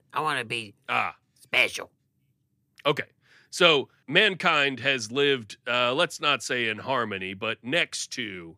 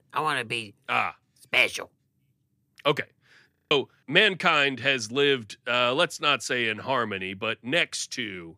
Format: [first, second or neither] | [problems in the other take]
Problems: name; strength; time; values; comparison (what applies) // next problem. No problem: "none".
first | audio freezing; at 3.5 s